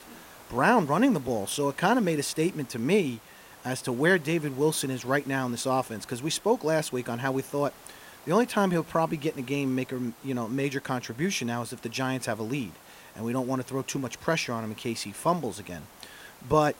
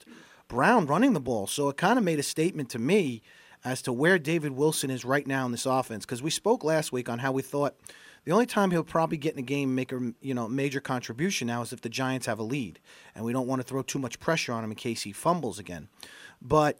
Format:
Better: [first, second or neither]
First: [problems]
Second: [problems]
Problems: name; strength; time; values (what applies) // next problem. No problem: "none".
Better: second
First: hiss; faint; throughout; 20 dB below the speech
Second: none